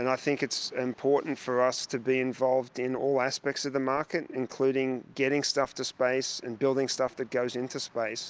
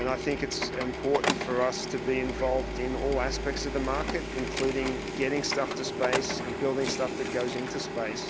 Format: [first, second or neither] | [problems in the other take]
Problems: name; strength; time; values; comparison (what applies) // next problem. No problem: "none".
first | background sound (Printer); 2 dB below the speech